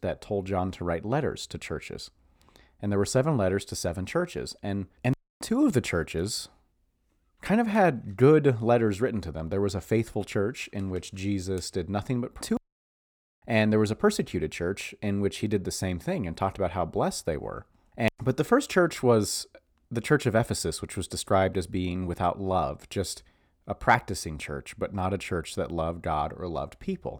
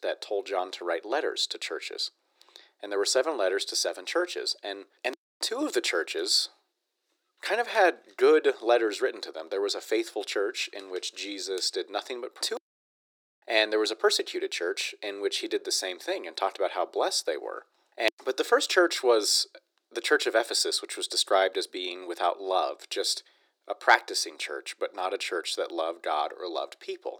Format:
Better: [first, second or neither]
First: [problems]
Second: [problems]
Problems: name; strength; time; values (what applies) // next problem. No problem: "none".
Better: first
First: none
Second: thin; very; fading below 350 Hz